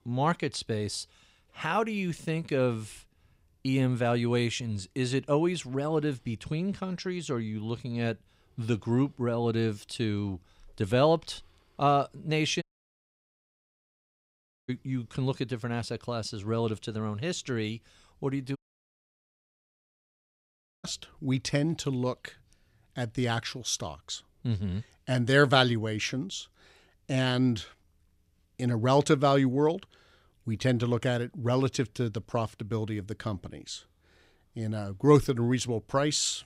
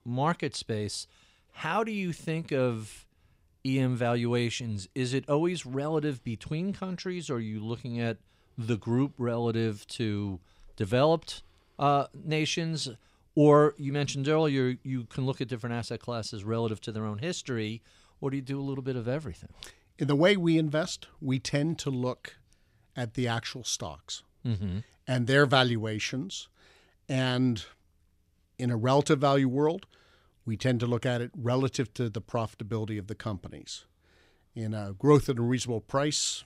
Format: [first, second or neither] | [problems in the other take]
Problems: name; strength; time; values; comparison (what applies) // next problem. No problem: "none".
second | audio cutting out; at 13 s for 2 s and at 19 s for 2.5 s